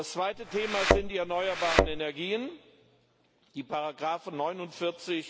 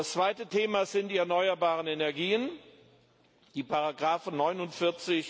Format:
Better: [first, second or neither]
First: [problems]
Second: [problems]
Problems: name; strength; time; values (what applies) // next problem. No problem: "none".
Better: second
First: background sound (Thump, thud); 5 dB above the speech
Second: none